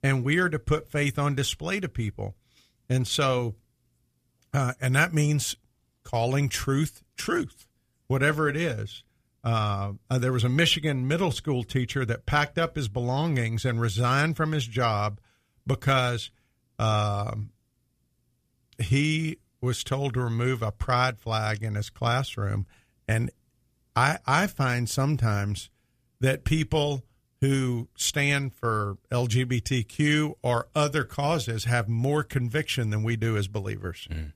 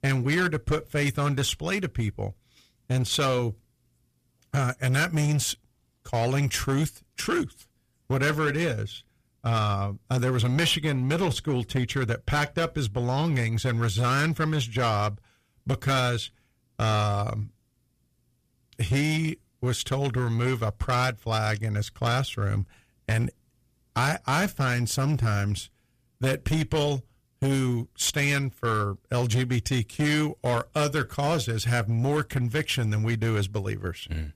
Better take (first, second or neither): first